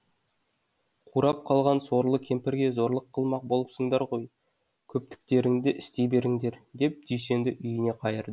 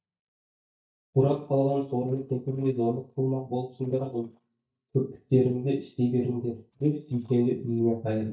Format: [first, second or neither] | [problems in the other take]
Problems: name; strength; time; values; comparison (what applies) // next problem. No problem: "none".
first | noise reduction (neural mask model DeepFilterNet 3)